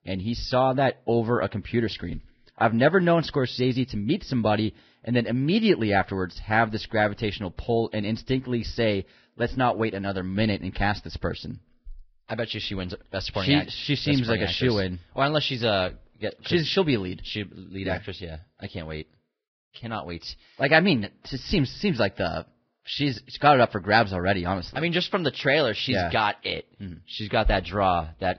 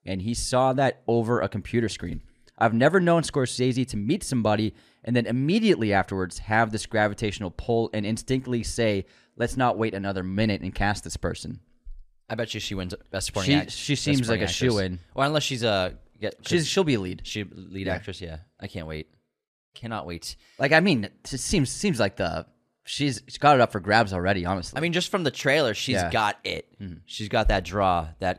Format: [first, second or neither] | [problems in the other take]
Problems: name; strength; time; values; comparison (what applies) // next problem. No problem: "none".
second | garbled, watery; badly; nothing above 5.5 kHz